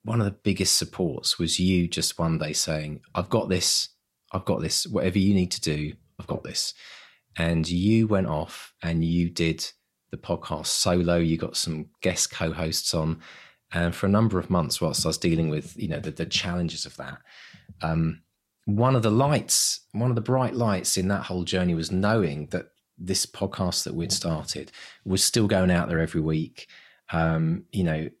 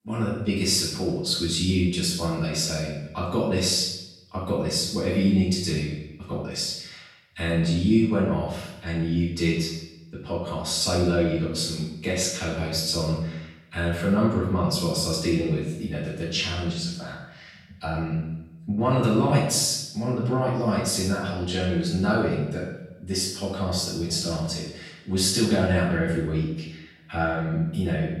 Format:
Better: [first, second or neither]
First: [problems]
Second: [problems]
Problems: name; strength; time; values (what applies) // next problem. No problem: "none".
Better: first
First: none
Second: off-mic speech; far // room echo; noticeable; dies away in 0.8 s